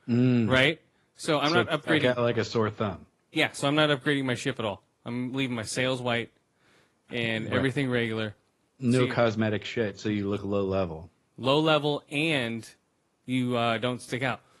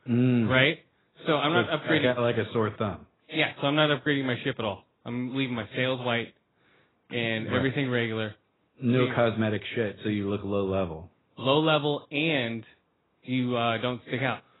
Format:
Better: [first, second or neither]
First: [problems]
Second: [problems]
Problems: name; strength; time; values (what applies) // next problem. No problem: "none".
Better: first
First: garbled, watery; slightly; nothing above 11.5 kHz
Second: garbled, watery; badly; nothing above 4 kHz